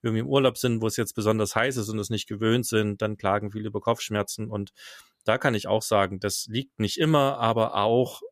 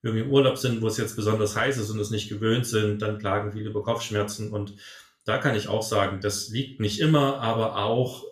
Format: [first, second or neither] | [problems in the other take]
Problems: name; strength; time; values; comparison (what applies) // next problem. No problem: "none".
first | room echo; slight; dies away in 0.4 s // off-mic speech; somewhat distant